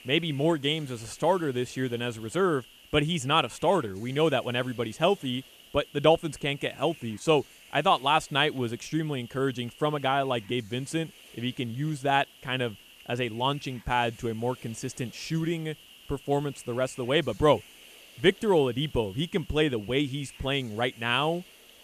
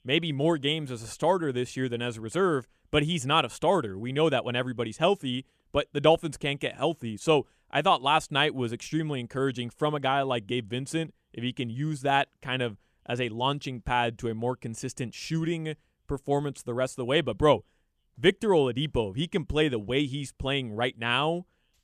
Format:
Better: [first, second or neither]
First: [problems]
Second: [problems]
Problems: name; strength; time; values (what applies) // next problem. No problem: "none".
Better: second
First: hiss; faint; throughout; 20 dB below the speech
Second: none